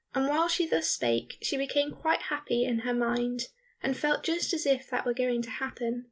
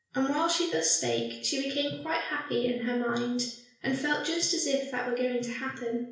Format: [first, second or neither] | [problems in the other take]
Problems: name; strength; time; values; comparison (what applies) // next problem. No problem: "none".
first | room echo; dies away in 0.5 s